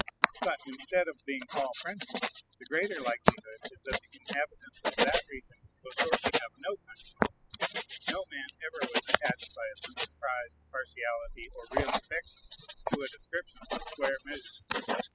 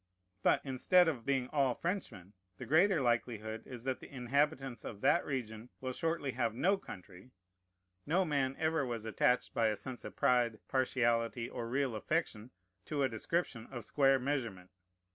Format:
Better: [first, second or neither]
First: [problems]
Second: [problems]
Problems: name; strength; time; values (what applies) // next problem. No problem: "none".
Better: second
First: noise reduction (classical method spectral subtraction)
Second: none